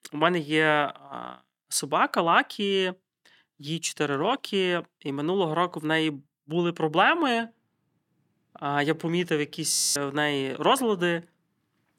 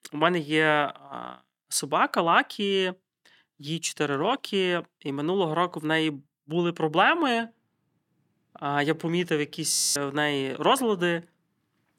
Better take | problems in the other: neither | audio freezing; at 9.5 s; the same in both

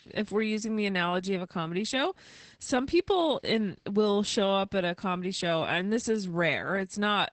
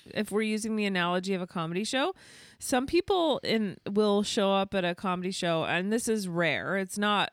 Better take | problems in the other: second | garbled, watery; badly; nothing above 8 kHz

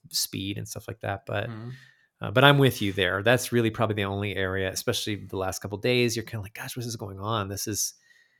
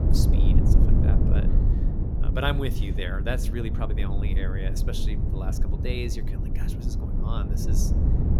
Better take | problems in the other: first | low rumble; loud; throughout; 3 dB below the speech

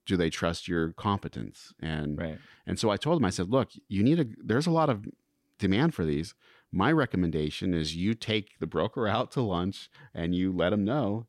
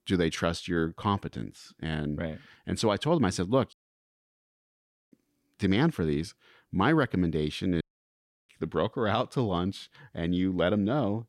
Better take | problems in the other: first | audio cutting out; at 3.5 s for 1.5 s and at 8 s for 0.5 s

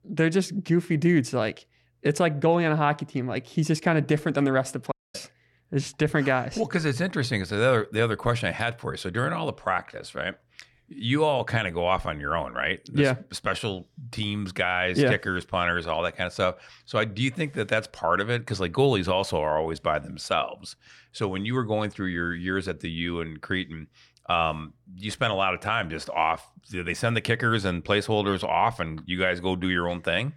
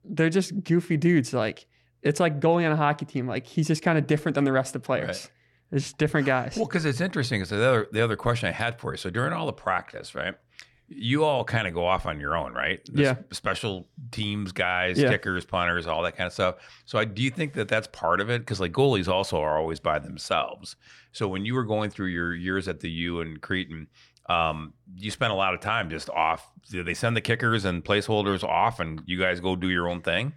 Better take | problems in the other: second | audio cutting out; at 5 s

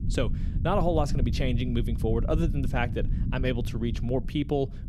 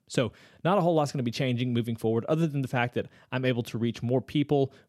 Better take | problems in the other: second | low rumble; noticeable; throughout; 15 dB below the speech

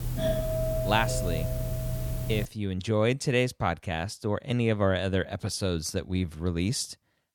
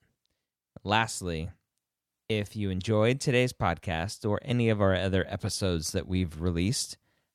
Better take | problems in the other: second | doorbell; loud; until 2.5 s; peak level with the speech

